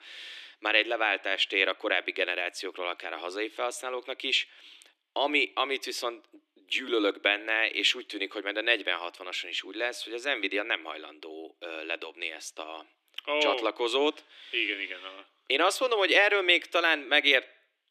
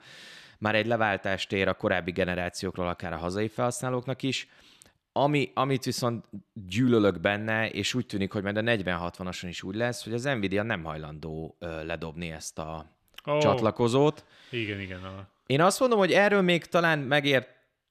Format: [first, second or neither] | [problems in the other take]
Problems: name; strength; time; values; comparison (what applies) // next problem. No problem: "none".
second | thin; somewhat; fading below 300 Hz